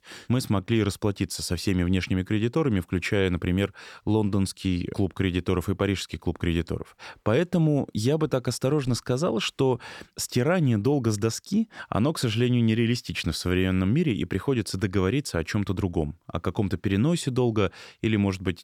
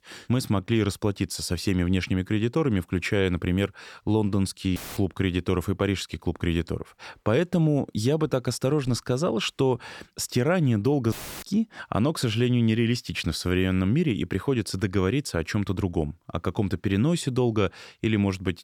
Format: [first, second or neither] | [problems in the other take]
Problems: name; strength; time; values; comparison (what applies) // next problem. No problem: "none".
first | audio cutting out; filled with static; at 5 s and at 11 s